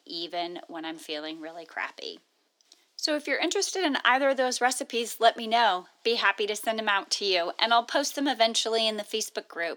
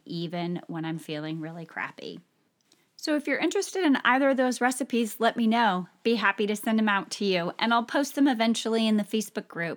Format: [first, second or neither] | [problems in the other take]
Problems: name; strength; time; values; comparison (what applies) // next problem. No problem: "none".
second | thin; somewhat; fading below 350 Hz